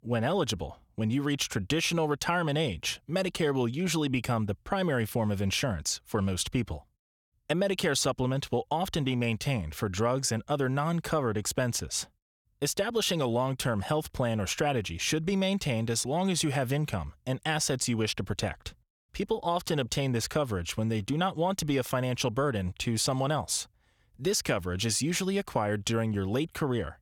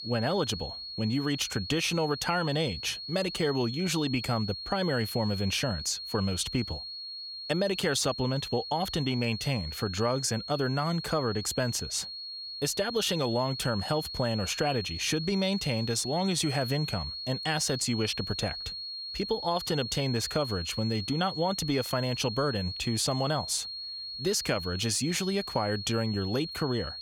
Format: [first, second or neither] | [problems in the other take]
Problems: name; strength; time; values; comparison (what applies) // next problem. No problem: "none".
first | high-pitched whine; loud; throughout; 4.5 kHz, 7 dB below the speech